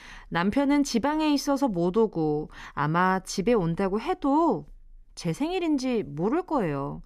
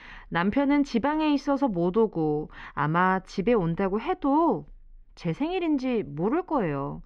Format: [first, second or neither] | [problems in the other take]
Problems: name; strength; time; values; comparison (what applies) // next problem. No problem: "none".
first | muffled; slightly; fading above 2.5 kHz